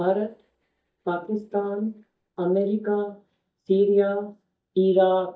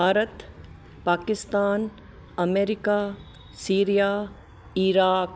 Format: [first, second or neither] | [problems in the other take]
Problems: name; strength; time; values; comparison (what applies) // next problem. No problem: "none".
second | noise reduction (neural mask model DeepFilterNet 3)